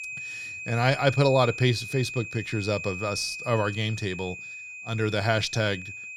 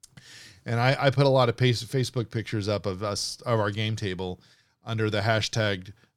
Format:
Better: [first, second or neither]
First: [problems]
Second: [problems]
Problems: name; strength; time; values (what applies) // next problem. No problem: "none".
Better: second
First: high-pitched whine; loud; throughout; 2.5 kHz, 9 dB below the speech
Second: none